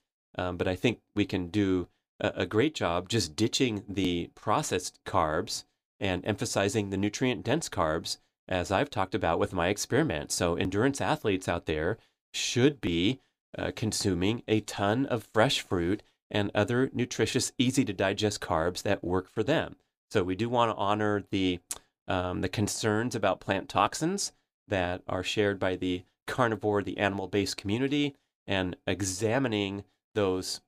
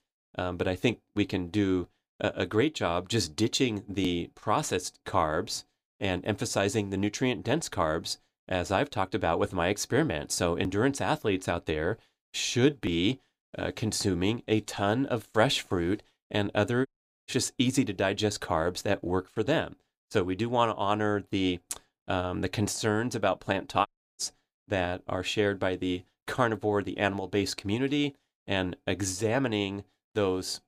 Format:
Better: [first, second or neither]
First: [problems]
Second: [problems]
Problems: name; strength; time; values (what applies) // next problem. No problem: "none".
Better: first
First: none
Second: audio cutting out; at 17 s and at 24 s